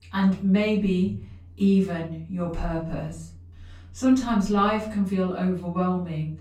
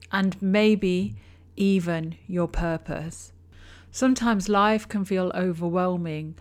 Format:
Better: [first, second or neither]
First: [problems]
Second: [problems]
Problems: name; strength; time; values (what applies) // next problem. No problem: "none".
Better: second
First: off-mic speech; far // room echo; slight; dies away in 0.4 s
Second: none